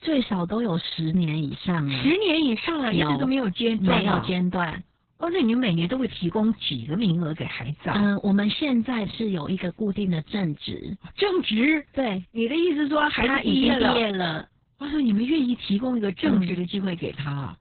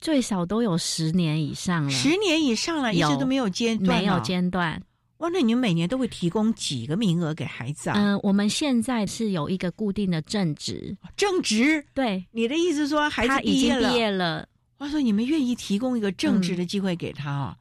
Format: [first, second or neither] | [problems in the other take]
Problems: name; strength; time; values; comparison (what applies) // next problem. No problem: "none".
second | garbled, watery; badly; nothing above 4 kHz